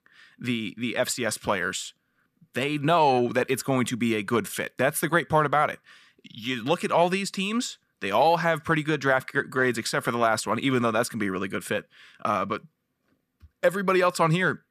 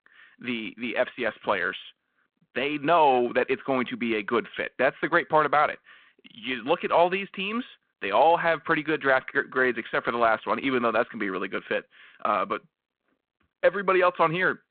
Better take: first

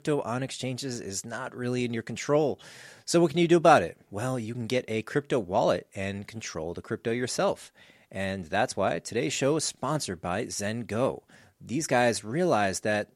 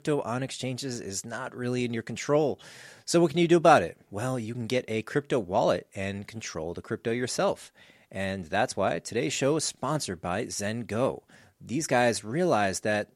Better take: neither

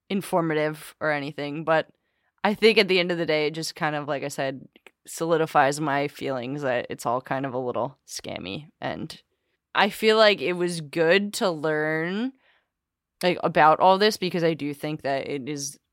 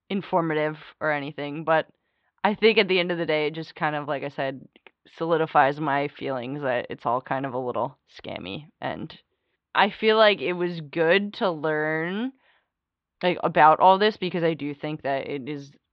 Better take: first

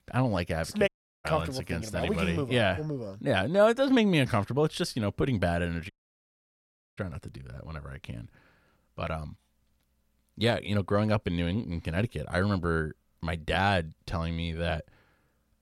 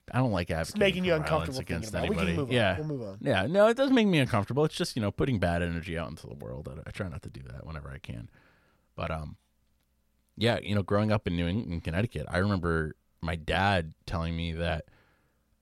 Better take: second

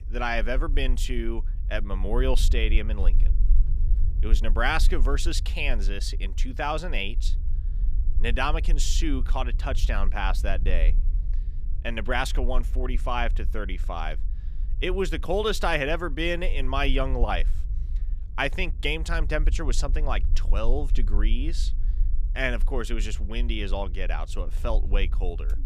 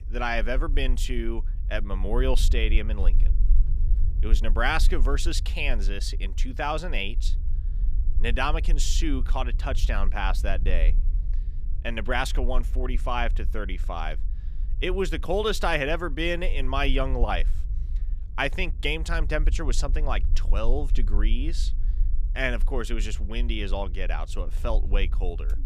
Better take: neither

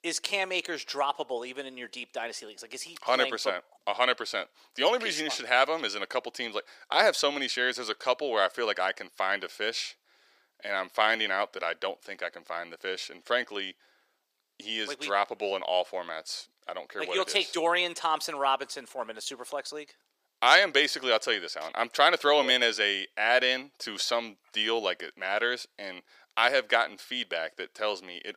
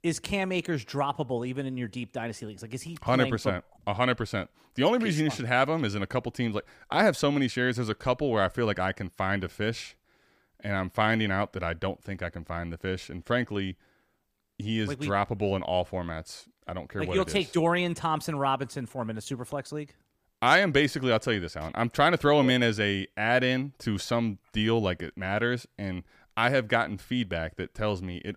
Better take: second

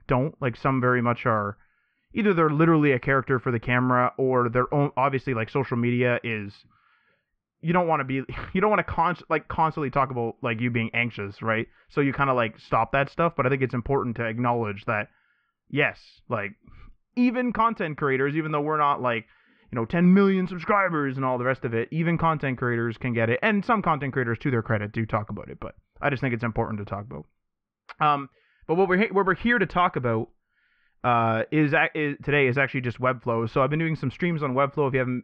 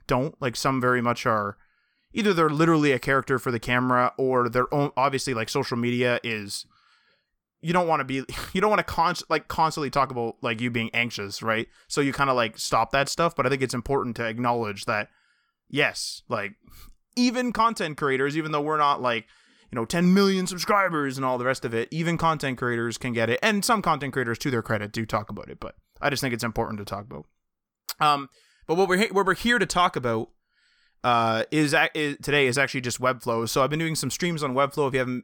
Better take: second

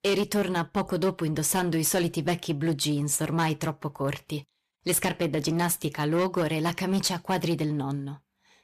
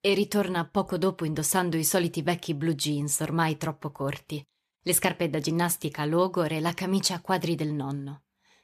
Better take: second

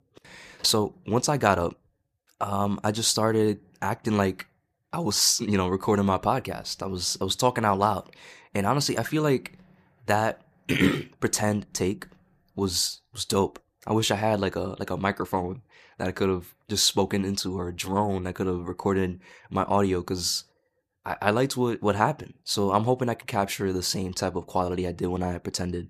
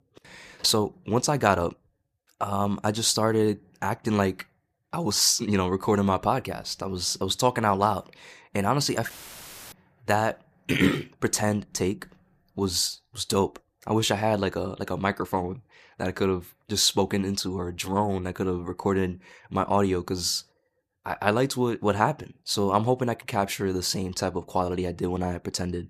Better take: first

